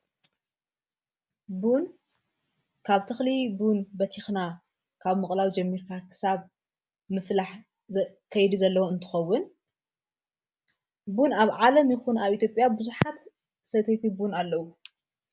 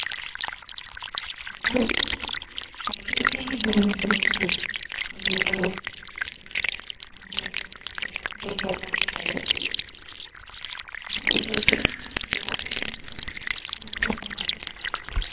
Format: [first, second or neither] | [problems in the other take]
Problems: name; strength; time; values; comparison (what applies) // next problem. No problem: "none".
first | noise reduction (neural separator model SepFormer WHAMR!)